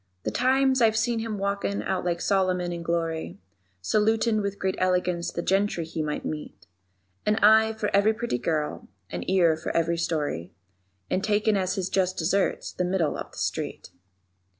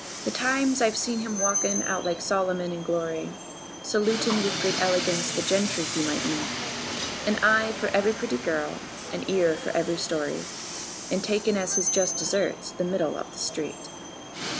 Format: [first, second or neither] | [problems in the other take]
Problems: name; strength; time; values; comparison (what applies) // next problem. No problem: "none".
first | background sound (Train); 5 dB below the speech